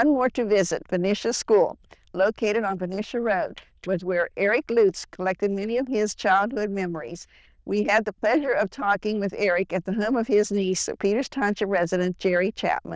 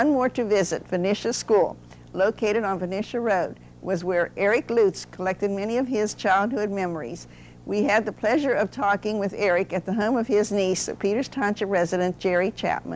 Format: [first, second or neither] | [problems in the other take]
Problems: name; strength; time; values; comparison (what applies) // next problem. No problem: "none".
second | noise reduction (neural diffusion model UNIVERSE++)